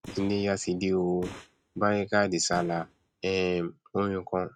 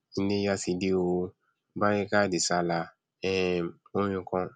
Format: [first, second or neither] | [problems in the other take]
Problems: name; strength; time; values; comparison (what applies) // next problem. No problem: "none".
second | noise reduction (neural mask model RNNoise)